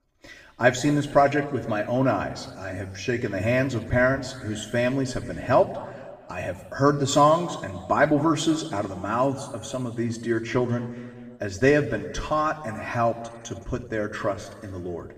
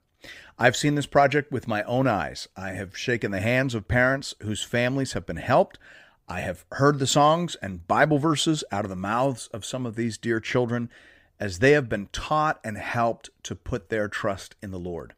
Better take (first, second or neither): second